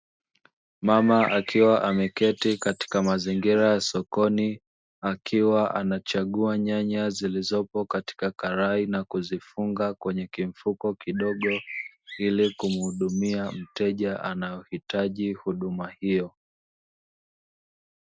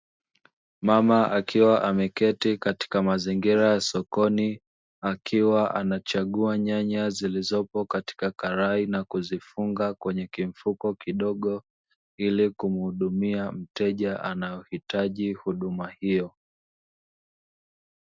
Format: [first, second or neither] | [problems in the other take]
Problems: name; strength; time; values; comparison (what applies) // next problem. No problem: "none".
second | background sound (Bird); 12 dB below the speech